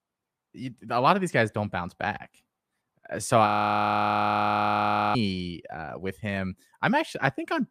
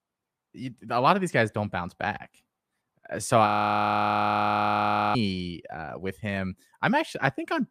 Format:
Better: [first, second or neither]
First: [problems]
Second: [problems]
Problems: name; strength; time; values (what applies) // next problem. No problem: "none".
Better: neither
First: audio freezing; at 3.5 s for 1.5 s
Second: audio freezing; at 3.5 s for 1.5 s